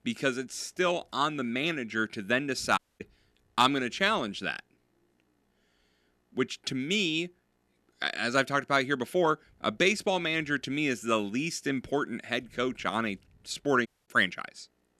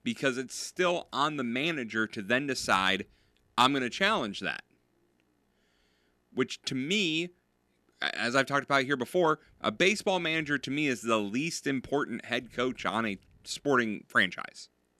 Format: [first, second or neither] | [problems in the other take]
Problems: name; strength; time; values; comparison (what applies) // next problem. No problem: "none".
second | audio cutting out; at 3 s and at 14 s